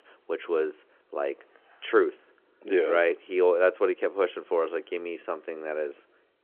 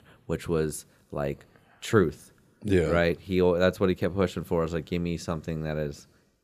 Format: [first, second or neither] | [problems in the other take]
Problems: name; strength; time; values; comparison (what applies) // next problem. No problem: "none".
second | phone-call audio